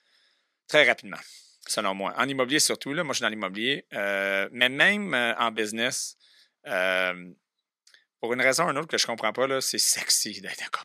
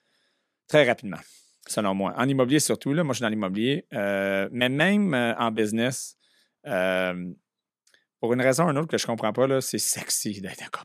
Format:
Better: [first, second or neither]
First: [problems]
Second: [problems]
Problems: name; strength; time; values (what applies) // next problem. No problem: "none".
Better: second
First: thin; somewhat; fading below 1 kHz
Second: none